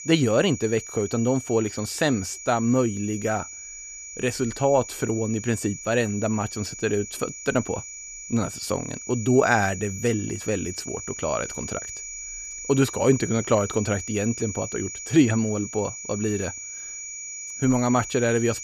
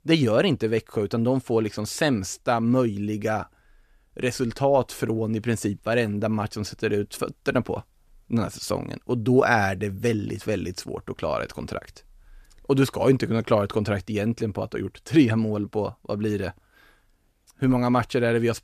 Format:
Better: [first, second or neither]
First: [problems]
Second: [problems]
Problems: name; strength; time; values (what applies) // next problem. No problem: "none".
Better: second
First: high-pitched whine; loud; throughout; 7 kHz, 9 dB below the speech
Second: none